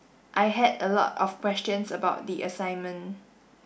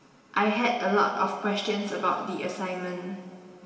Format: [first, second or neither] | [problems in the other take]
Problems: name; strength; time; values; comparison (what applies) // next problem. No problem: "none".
first | room echo; dies away in 2.6 s